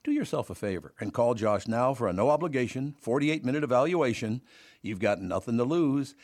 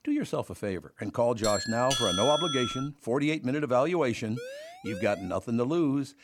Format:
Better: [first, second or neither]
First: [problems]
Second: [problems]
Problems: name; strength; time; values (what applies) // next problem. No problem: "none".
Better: first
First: none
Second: doorbell; loud; from 1.5 to 3 s; peak 2 dB above the speech // siren; faint; at 4.5 s; peak 10 dB below the speech